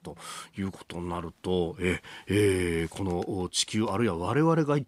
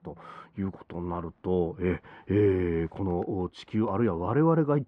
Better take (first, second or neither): first